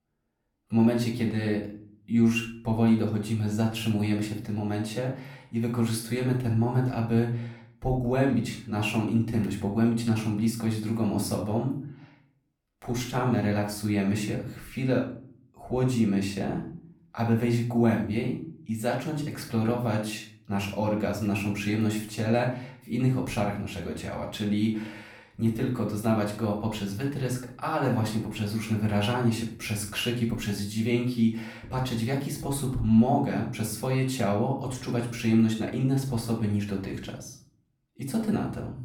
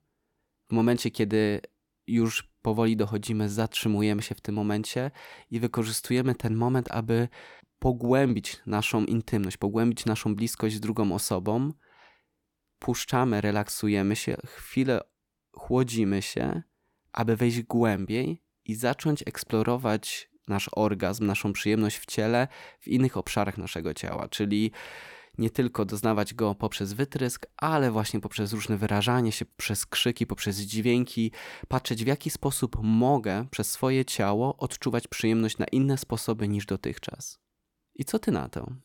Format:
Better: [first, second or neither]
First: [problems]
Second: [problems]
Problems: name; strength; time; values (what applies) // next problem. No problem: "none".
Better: second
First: off-mic speech; far // room echo; noticeable; dies away in 0.5 s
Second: none